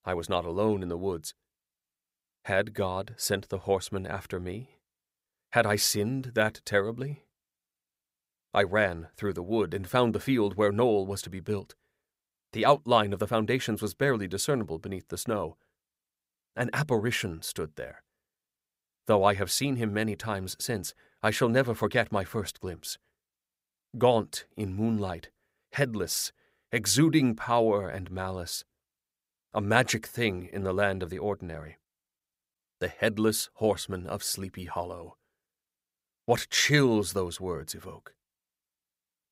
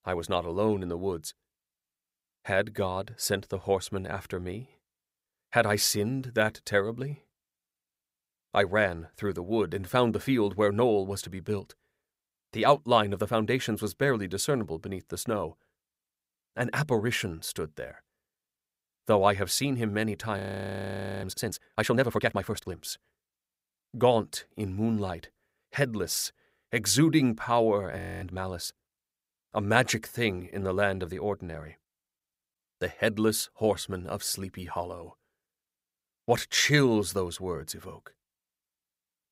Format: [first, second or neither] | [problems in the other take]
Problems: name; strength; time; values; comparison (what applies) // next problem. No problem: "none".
first | audio freezing; at 20 s for 1 s and at 28 s